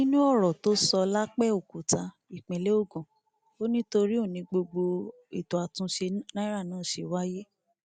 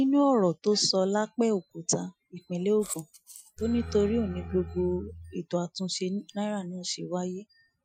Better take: first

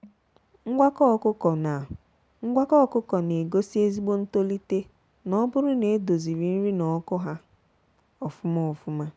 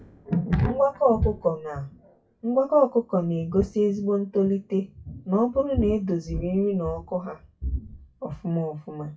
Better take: first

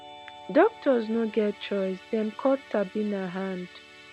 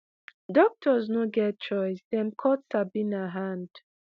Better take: second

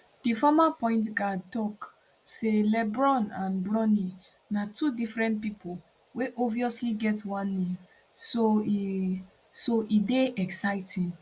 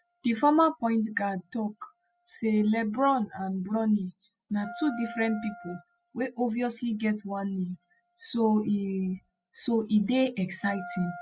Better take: first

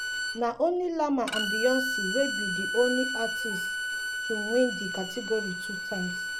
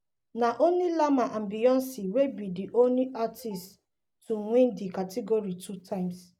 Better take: second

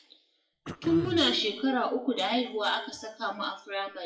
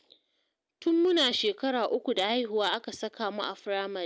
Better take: second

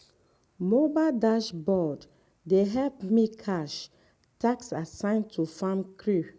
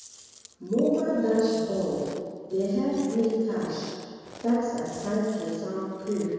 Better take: first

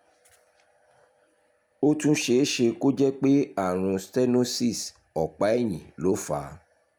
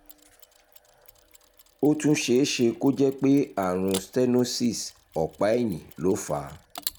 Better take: first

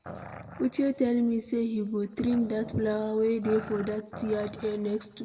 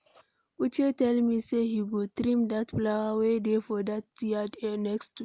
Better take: second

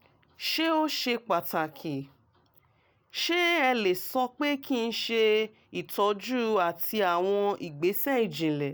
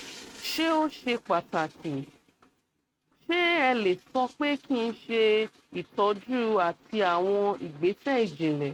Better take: first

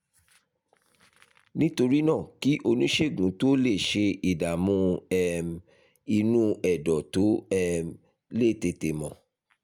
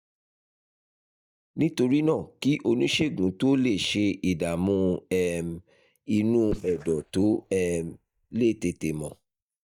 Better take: first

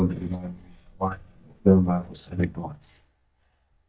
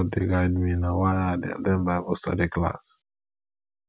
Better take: second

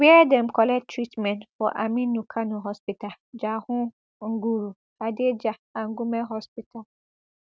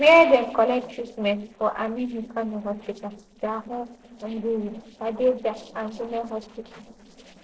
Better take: first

